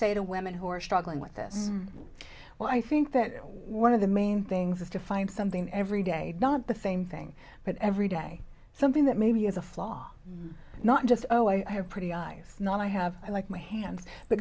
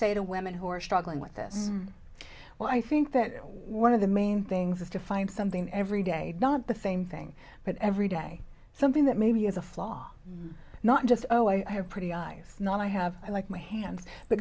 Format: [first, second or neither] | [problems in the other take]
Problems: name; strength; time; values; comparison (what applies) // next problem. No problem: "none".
second | background sound (Whoosh, swoosh, swish); 19 dB below the speech